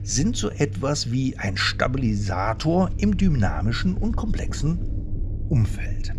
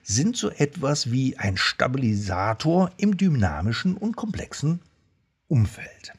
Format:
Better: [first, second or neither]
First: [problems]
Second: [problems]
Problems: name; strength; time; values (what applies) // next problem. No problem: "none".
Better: second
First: low rumble; noticeable; throughout; 20 dB below the speech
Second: none